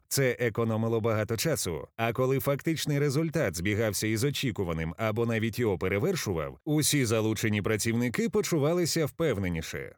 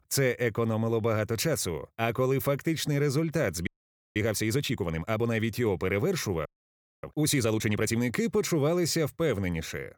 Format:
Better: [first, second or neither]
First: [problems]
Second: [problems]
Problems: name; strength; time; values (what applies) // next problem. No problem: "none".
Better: first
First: none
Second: audio freezing; at 3.5 s and at 6.5 s for 0.5 s